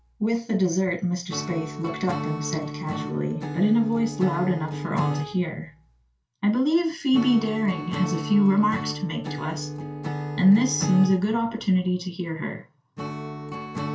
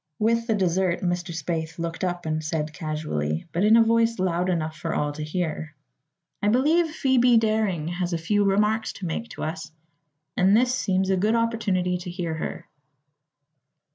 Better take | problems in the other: second | background sound (Acoustic guitar / Strum); 8 dB below the speech // room echo; dies away in 0.2 s

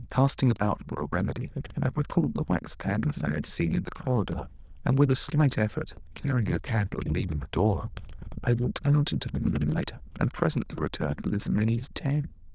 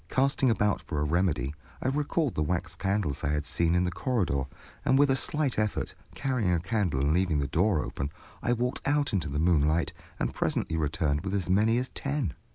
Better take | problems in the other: second | noise reduction (neural diffusion model UNIVERSE++)

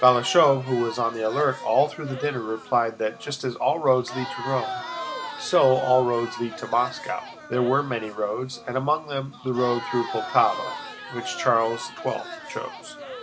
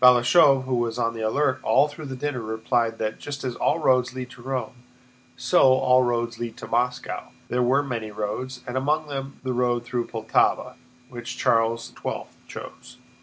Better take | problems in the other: second | background sound (Crowd); 12 dB below the speech

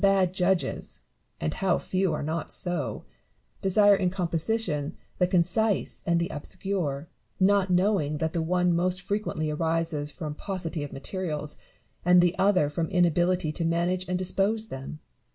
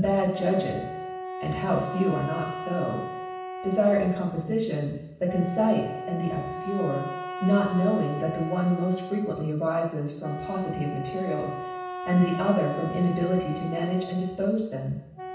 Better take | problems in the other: first | background sound (Wind instrument, woodwind instrument); 9 dB below the speech // room echo; dies away in 0.9 s

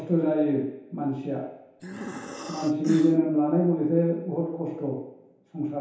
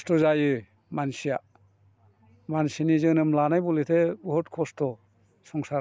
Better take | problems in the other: second | background sound (Breathing); 9 dB below the speech // room echo; dies away in 0.8 s

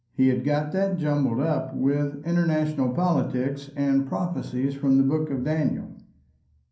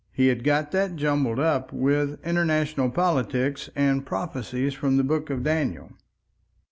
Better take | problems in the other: second | room echo; dies away in 0.6 s

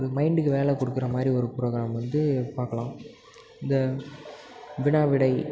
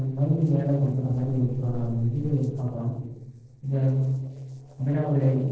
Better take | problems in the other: first | noise reduction (neural separator model SepFormer DNS4)

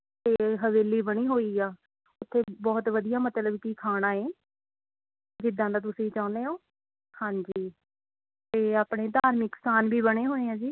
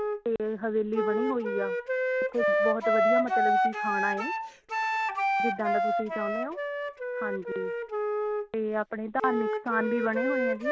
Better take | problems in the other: first | background sound (Wind instrument, woodwind instrument); 4 dB above the speech

